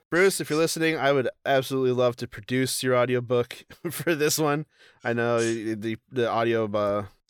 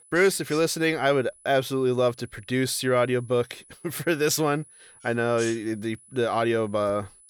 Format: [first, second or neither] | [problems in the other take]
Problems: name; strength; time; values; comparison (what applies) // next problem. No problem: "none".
first | high-pitched whine; faint; throughout; 10 kHz, 25 dB below the speech